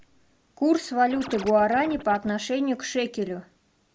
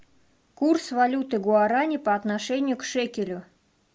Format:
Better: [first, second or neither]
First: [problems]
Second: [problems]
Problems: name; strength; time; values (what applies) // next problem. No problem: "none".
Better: second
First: background sound (Scratching (performance technique)); 15 dB below the speech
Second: none